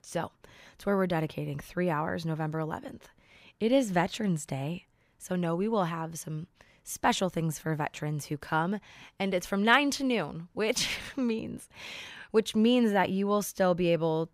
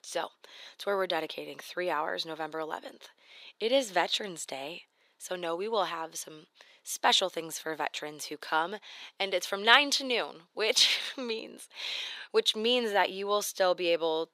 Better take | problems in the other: first | thin; somewhat; fading below 400 Hz

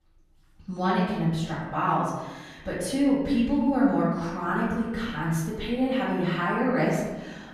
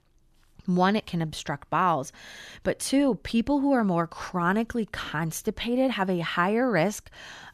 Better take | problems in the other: second | off-mic speech; far // room echo; noticeable; dies away in 1.1 s

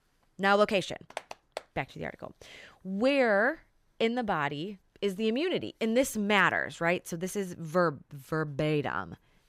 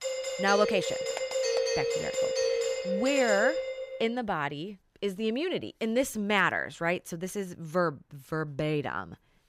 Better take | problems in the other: first | doorbell; loud; until 4 s; peak 2 dB above the speech

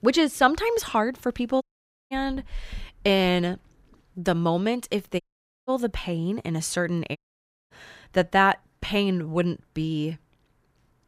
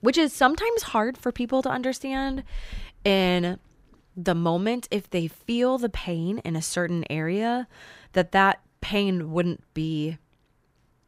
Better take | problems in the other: second | audio cutting out; at 1.5 s, at 5 s and at 7 s for 0.5 s

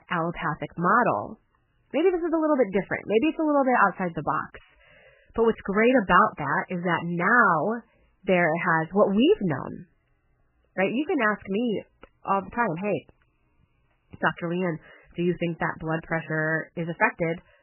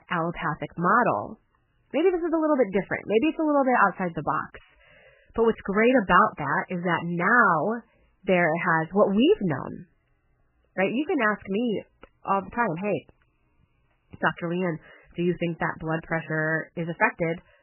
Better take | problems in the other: neither | garbled, watery; badly; nothing above 3 kHz; the same in both

